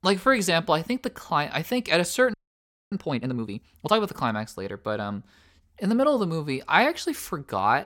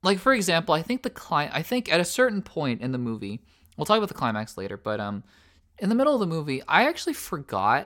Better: second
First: audio freezing; at 2.5 s for 0.5 s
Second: none

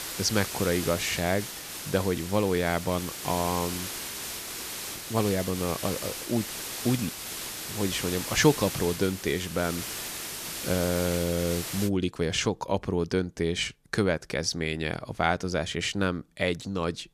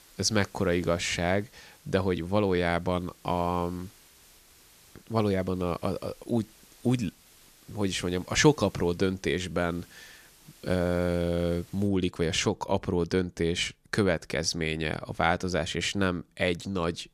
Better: second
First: hiss; loud; until 12 s; 6 dB below the speech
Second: hiss; faint; until 12 s; 25 dB below the speech

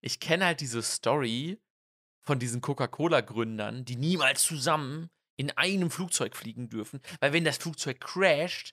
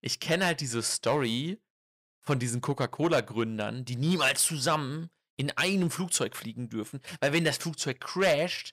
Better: first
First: none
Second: distortion; slight; 3% of the sound clipped

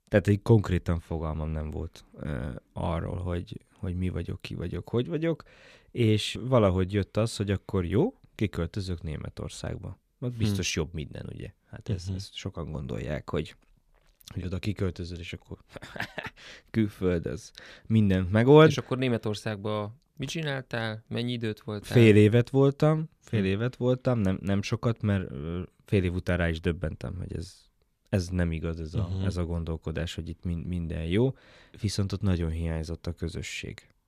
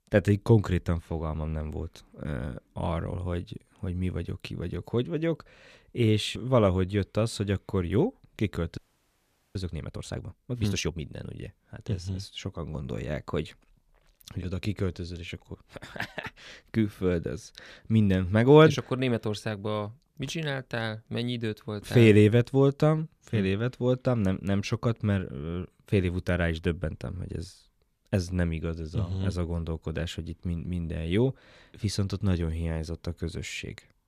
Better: first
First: none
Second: audio freezing; at 9 s for 1 s

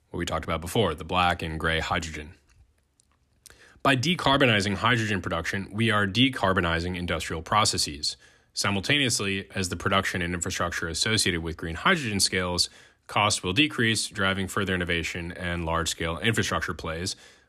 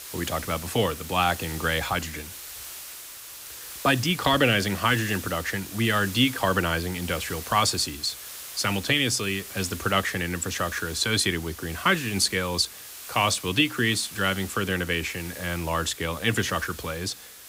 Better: first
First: none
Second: hiss; noticeable; throughout; 10 dB below the speech

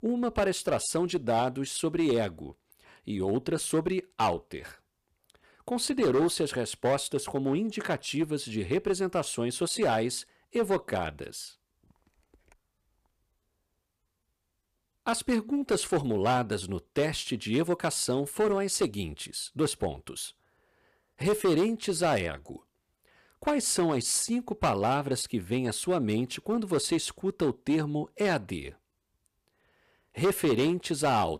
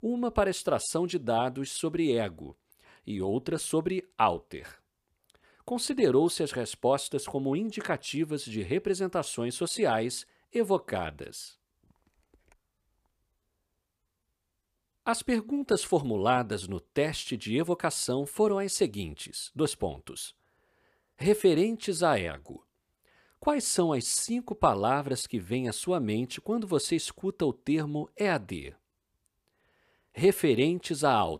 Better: second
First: distortion; slight; 5% of the sound clipped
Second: none

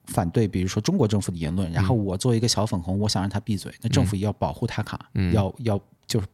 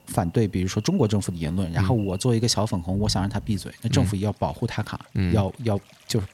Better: first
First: none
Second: rain or running water; noticeable; throughout; 20 dB below the speech

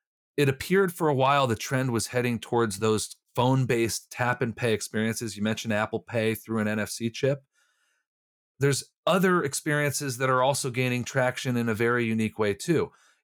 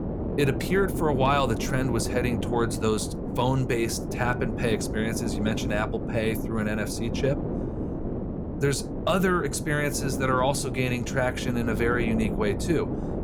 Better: first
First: none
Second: wind noise on the microphone; heavy; 8 dB below the speech

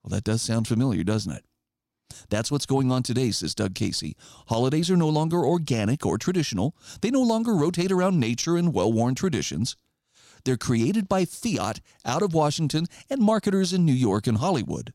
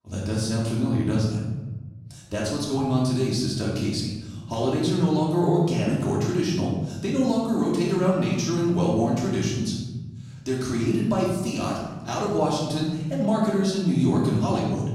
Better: first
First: none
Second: off-mic speech; far // room echo; noticeable; dies away in 1.4 s

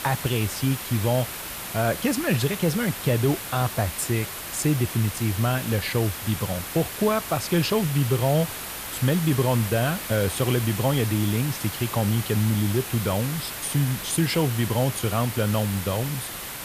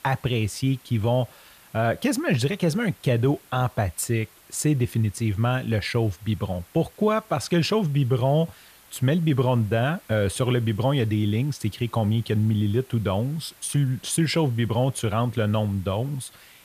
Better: second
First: hiss; loud; throughout; 7 dB below the speech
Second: hiss; faint; throughout; 25 dB below the speech

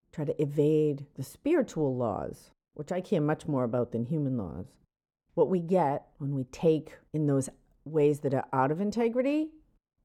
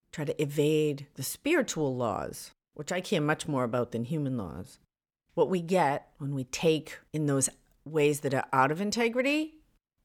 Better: second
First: muffled; slightly; fading above 1 kHz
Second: none

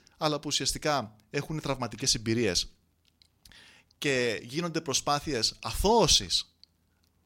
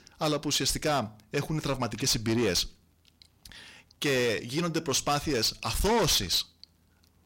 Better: first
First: none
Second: distortion; heavy; 7 dB below the speech

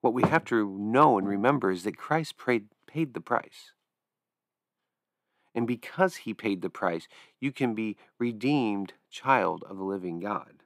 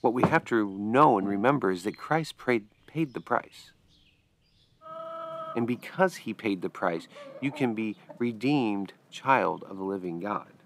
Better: first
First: none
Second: animal sounds; noticeable; throughout; 15 dB below the speech

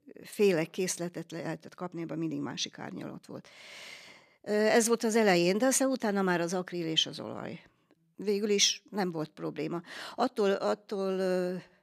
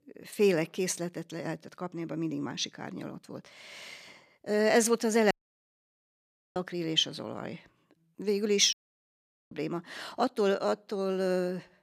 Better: first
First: none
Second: audio cutting out; at 5.5 s for 1.5 s and at 8.5 s for 1 s

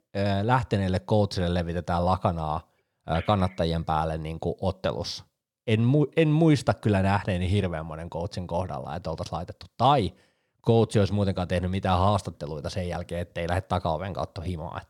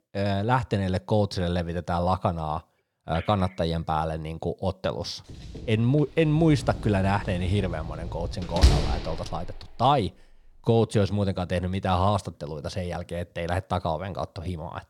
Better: first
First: none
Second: door banging; loud; at 8.5 s; peak 5 dB above the speech

